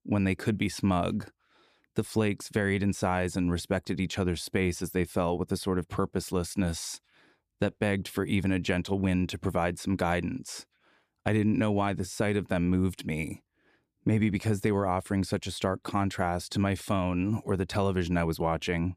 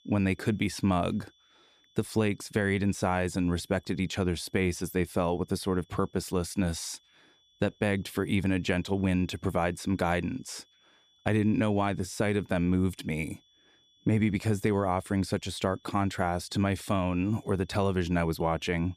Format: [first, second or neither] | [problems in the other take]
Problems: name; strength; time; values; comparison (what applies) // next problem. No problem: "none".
first | high-pitched whine; faint; throughout; 3.5 kHz, 35 dB below the speech